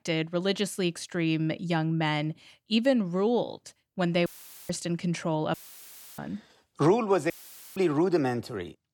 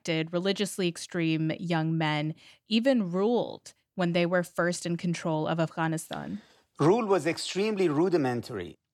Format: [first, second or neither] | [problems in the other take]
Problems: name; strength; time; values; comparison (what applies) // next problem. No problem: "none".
second | audio cutting out; filled with static; at 4.5 s, at 5.5 s for 0.5 s and at 7.5 s